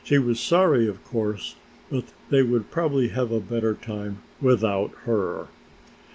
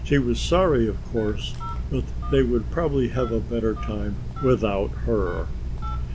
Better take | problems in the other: first | background sound (Telephone); 4 dB below the speech

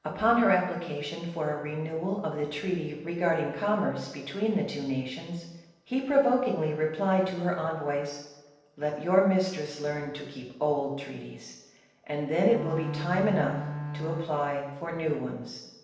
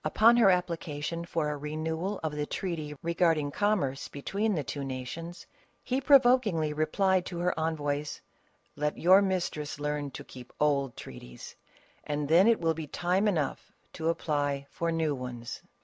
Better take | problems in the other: second | noise reduction (neural separator model SepFormer DNS4)

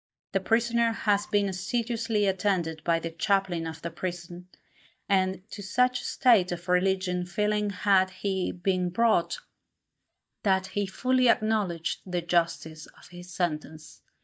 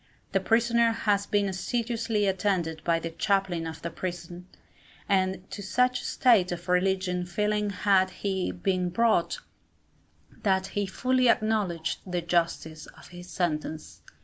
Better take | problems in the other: second | noise reduction (neural mask model DeepFilterNet 3)

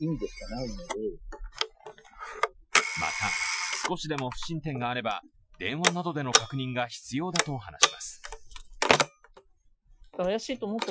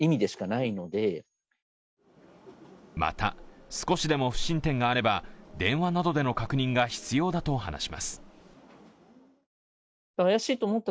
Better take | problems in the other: second | noise reduction (classical method Wiener filter)

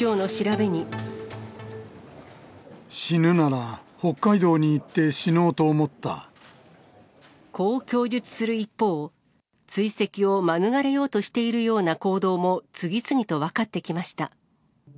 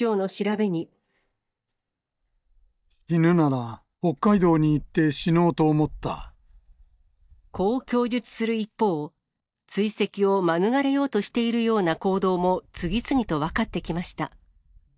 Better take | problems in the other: first | noise reduction (neural mask model DeepFilterNet 3)

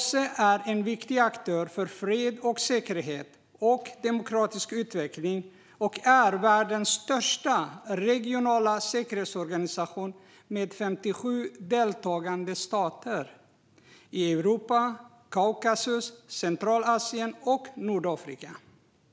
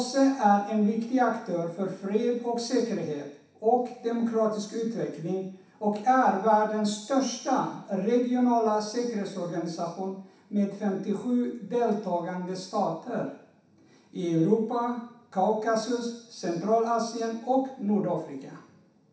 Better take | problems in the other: first | room echo; dies away in 0.7 s

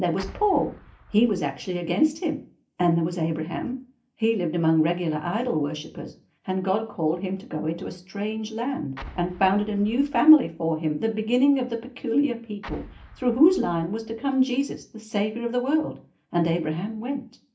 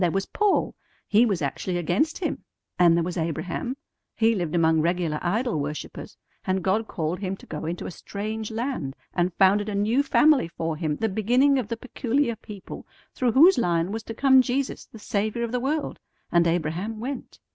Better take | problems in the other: second | background sound (Explosion); 19 dB below the speech // room echo; dies away in 0.3 s

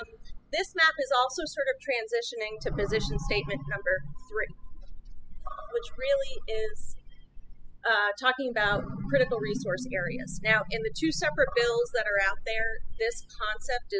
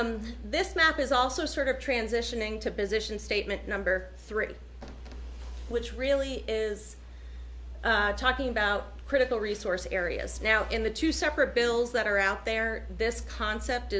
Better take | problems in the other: second | noise reduction (classical method spectral subtraction)

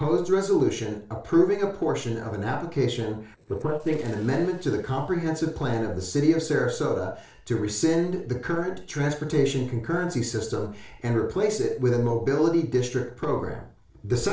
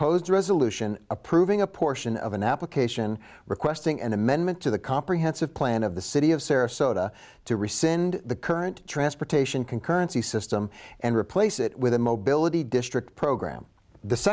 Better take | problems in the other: second | noise reduction (neural separator model SepFormer DNS4)

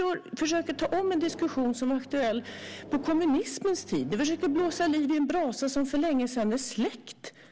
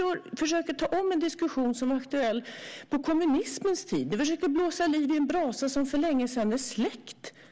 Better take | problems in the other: second | background sound (Microwave oven); 18 dB below the speech

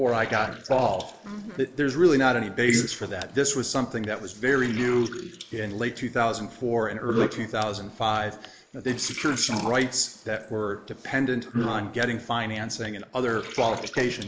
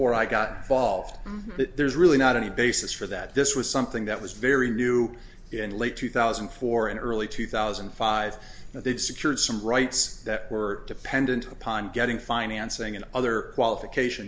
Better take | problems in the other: second | noise reduction (neural mask model Resemble Enhance denoiser)

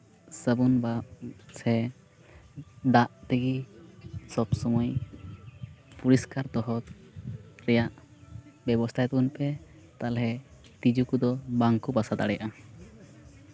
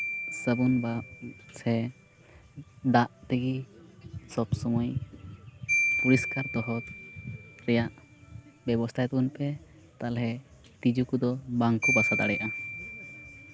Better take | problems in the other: first | background sound (Marimba, xylophone); 6 dB below the speech

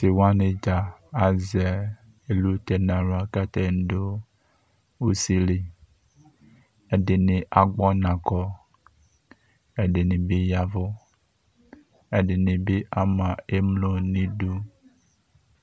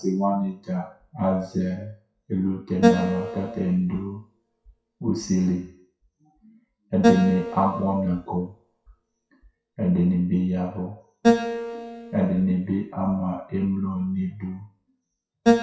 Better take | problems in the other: first | noise reduction (classical method WPE with log-MMSE)

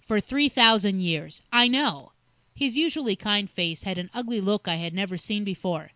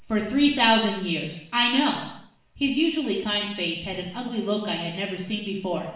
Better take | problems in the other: first | room echo; dies away in 0.7 s

